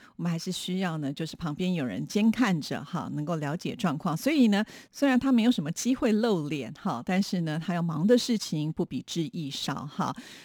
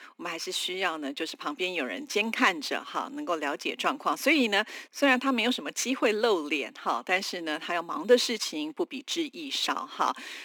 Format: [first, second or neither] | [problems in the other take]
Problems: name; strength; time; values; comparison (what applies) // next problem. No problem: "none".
first | thin; somewhat; fading below 300 Hz